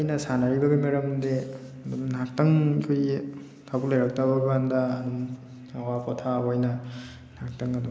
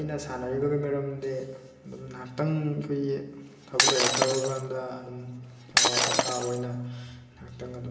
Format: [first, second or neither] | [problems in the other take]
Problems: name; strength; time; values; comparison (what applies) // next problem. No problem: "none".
first | background sound (Shatter); 4 dB above the speech // room echo; dies away in 0.9 s